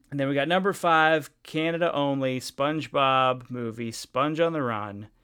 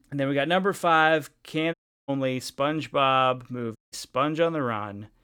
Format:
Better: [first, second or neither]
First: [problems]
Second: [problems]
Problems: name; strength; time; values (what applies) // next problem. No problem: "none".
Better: first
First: none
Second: audio cutting out; at 1.5 s and at 4 s